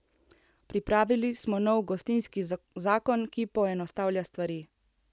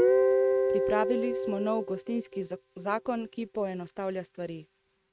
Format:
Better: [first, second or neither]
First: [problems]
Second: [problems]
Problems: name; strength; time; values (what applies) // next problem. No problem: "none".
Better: first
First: none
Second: noise reduction (neural mask model RNNoise)